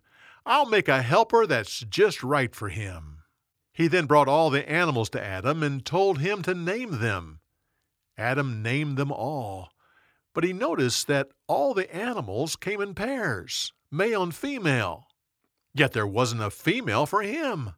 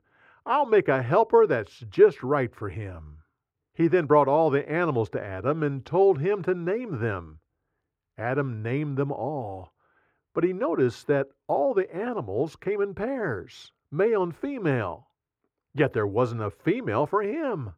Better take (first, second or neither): first